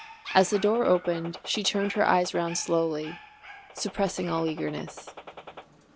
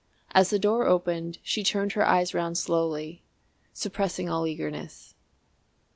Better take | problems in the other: second | background sound (Dog + Gunshot, gunfire); 16 dB below the speech

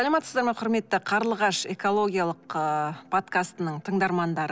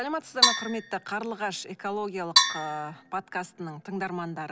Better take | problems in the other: first | background sound (Percussion); 5 dB above the speech

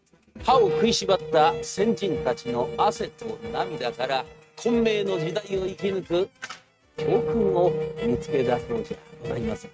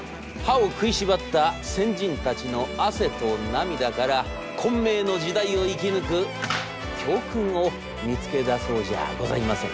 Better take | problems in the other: second | noise reduction (neural mask model RNNoise)

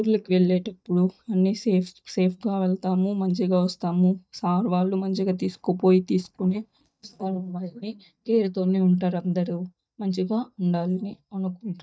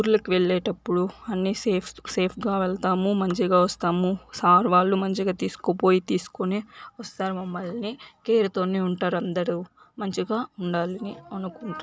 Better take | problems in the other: second | noise reduction (neural mask model DeepFilterNet 3)

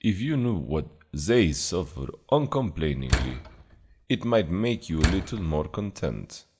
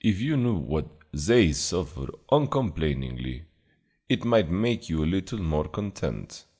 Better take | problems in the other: second | background sound (Slam); 4 dB below the speech

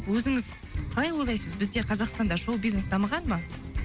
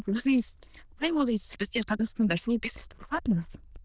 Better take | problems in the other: first | noise reduction (neural diffusion model UNIVERSE++)

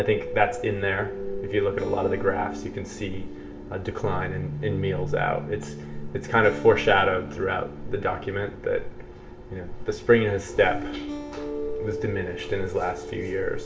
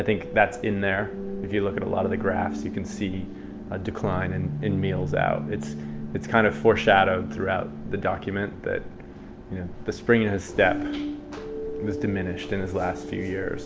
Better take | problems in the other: second | background sound (Acoustic guitar); 19 dB below the speech // room echo; dies away in 0.4 s

